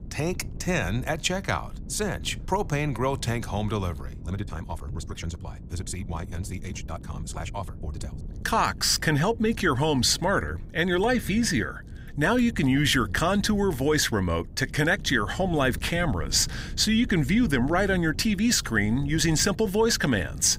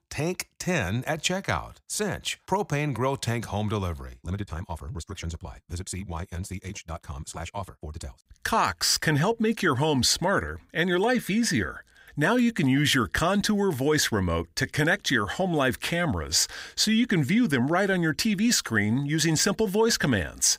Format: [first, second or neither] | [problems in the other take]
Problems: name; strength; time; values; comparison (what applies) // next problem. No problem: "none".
second | wind noise on the microphone; occasional gusts; 25 dB below the speech